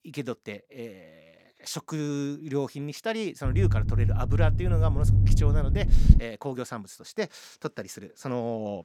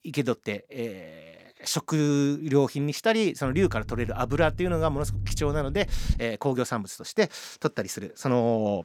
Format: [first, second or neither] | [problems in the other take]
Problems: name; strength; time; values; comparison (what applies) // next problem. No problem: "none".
second | low rumble; loud; from 3.5 to 6 s; 4 dB below the speech; faint in the second